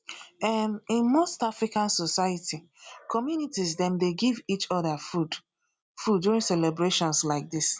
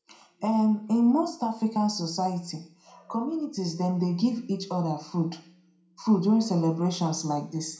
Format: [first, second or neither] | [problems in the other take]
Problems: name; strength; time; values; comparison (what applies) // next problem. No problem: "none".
first | room echo; dies away in 0.5 s